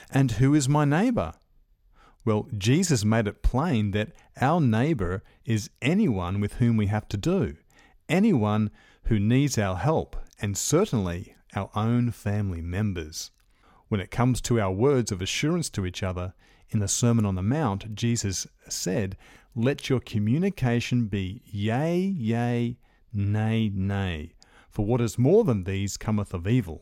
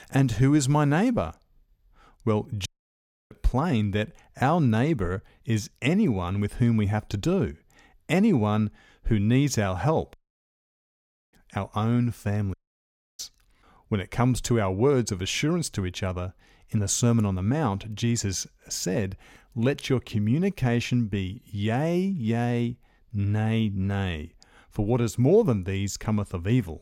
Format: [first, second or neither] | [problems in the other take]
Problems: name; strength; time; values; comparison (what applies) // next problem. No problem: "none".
first | audio cutting out; at 2.5 s for 0.5 s, at 10 s for 1 s and at 13 s for 0.5 s